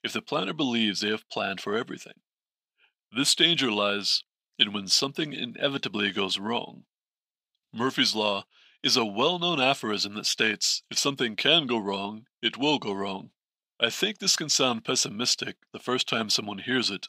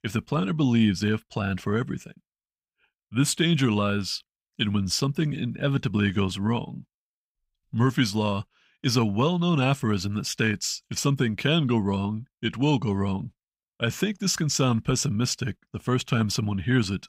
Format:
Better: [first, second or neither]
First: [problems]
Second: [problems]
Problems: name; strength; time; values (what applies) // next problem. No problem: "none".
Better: second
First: thin; somewhat; fading below 350 Hz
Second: none